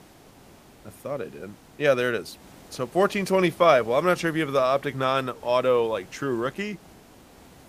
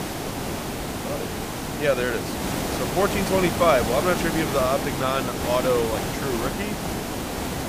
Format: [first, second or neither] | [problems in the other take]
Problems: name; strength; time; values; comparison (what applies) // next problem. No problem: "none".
first | hiss; loud; throughout; 3 dB below the speech; faint in the first